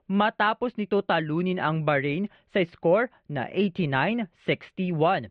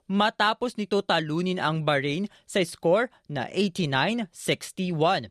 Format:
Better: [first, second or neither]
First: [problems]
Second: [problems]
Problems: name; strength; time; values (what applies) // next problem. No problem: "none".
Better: second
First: muffled; very; fading above 2.5 kHz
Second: none